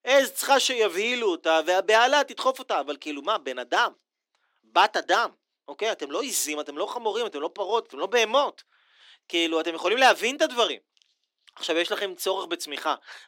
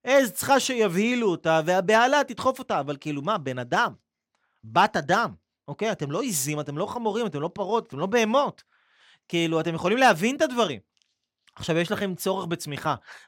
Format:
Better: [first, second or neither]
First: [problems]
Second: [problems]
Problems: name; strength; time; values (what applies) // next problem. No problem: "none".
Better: second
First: thin; somewhat; fading below 300 Hz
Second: none